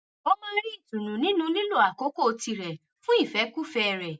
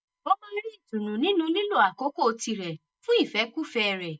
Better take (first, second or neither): first